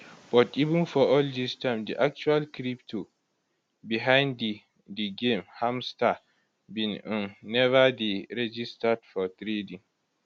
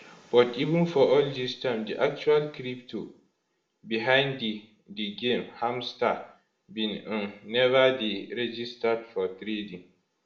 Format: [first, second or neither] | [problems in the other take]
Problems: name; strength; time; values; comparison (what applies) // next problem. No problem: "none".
first | room echo; dies away in 0.5 s